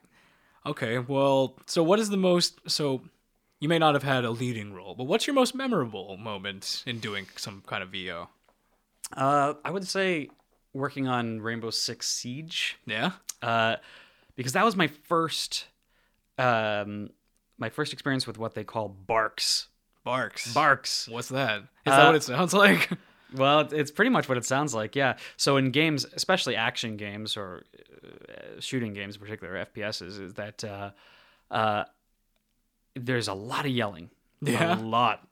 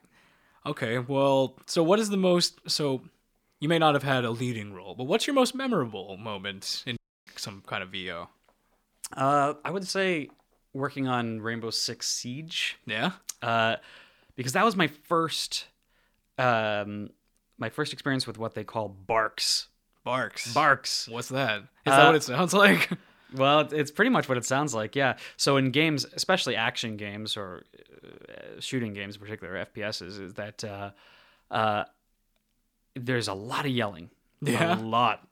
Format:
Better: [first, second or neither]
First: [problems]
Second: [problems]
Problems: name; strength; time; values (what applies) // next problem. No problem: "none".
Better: first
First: none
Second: audio cutting out; at 7 s